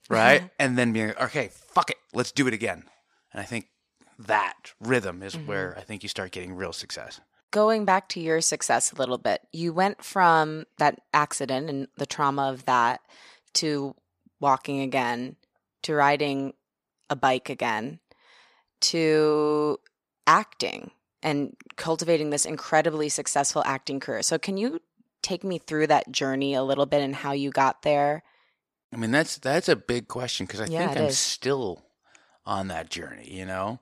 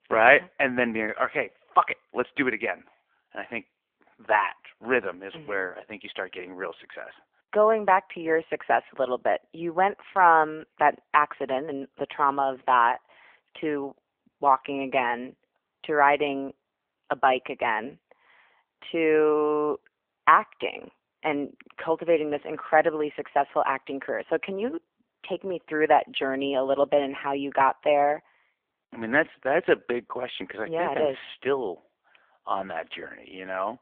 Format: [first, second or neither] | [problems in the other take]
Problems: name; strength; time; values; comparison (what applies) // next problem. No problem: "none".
first | phone-call audio